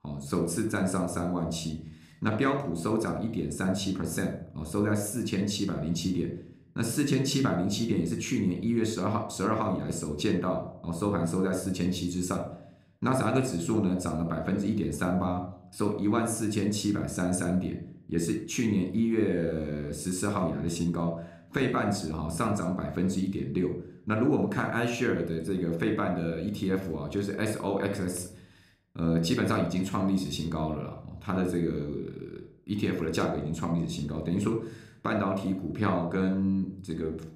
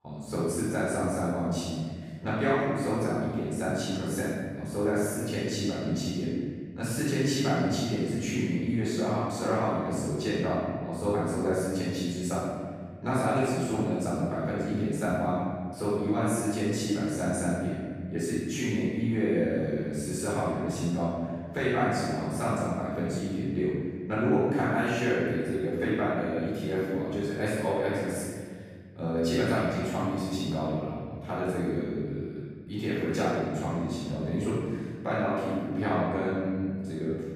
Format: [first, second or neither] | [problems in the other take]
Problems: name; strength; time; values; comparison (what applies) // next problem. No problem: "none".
first | room echo; strong; dies away in 2 s; slight in the first // off-mic speech; far